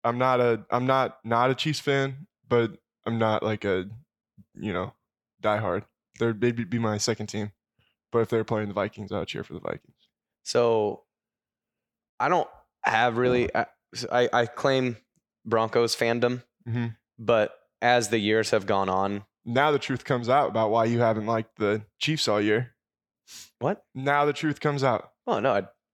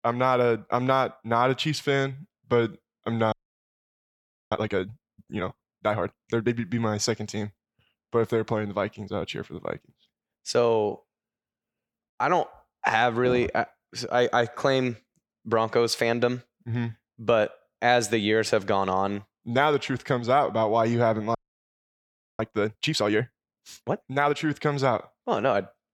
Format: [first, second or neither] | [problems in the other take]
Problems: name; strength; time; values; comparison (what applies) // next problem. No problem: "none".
first | audio freezing; at 3.5 s for 1 s and at 21 s for 1 s